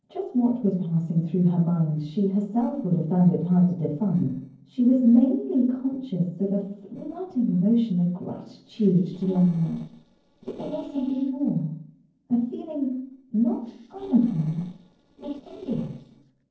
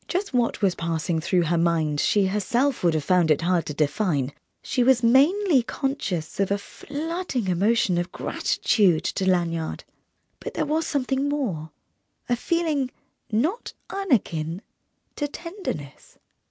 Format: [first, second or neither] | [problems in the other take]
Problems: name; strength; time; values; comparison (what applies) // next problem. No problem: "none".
second | noise reduction (neural separator model SepFormer DNS4)